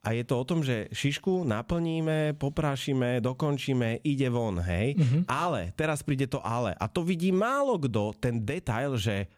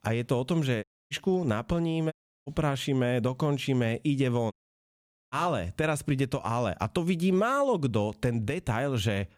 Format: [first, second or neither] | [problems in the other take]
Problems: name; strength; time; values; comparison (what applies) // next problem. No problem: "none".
first | audio cutting out; at 1 s, at 2 s and at 4.5 s for 1 s